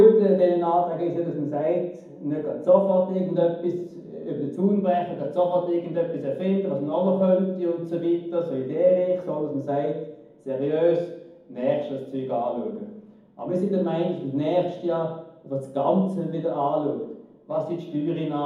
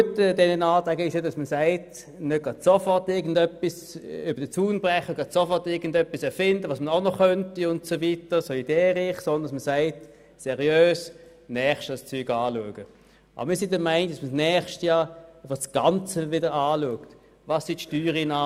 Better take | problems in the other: second | room echo; dies away in 1.2 s

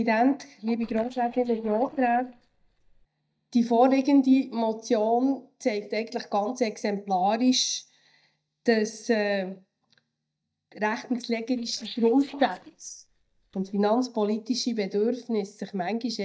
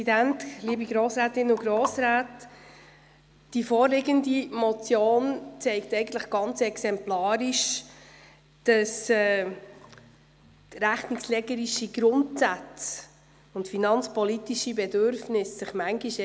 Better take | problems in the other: second | noise reduction (neural mask model DeepFilterNet 3)

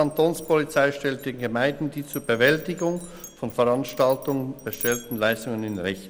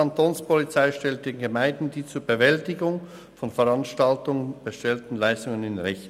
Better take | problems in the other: second | background sound (Glass); 17 dB below the speech

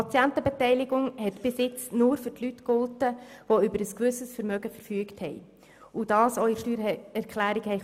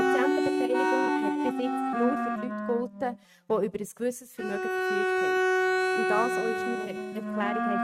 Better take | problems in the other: first | noise reduction (neural mask model RNNoise)

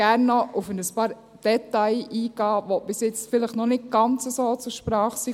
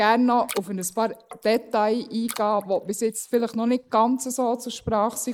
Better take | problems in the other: first | noise reduction (neural mask model Resemble Enhance denoiser)

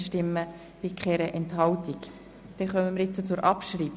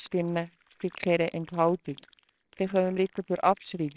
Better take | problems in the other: first | noise reduction (neural separator model SepFormer WHAMR!)

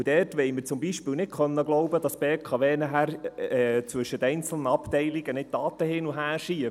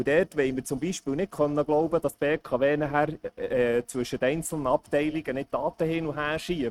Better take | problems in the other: first | noise reduction (neural mask model RNNoise)

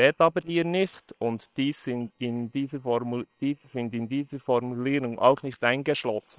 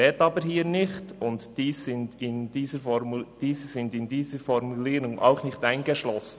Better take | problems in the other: second | noise reduction (neural separator model SepFormer WHAM!)

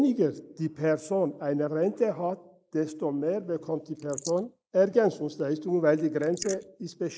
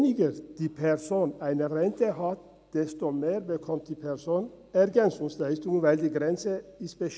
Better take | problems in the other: second | noise reduction (neural mask model Resemble Enhance denoiser)

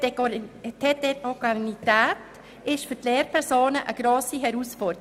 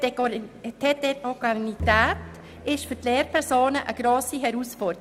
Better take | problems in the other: first | background sound (Bowed string instrument); 12 dB below the speech

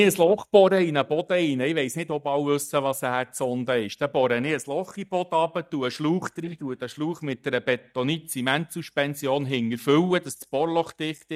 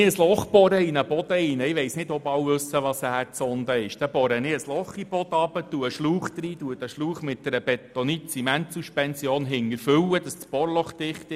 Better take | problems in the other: second | noise reduction (neural mask model DeepFilterNet 3)

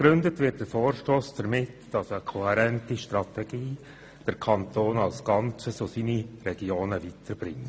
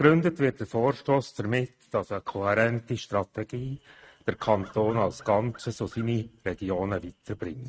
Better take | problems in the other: first | noise reduction (neural mask model RNNoise)

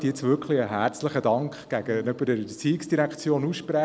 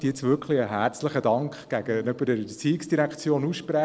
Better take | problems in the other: first | noise reduction (neural separator model SepFormer DNS4)

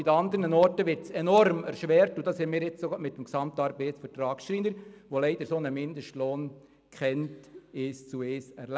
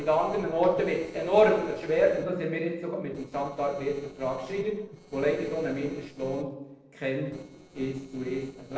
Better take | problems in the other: first | noise reduction (neural separator model SepFormer DNS4)

